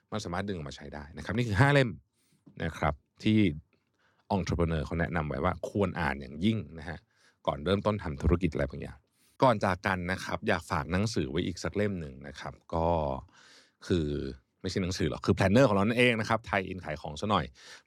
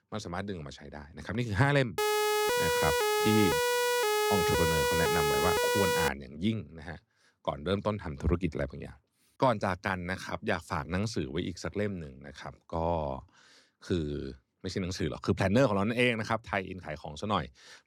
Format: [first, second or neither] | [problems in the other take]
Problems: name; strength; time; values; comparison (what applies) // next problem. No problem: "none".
first | siren; loud; from 2 to 6 s; peak 5 dB above the speech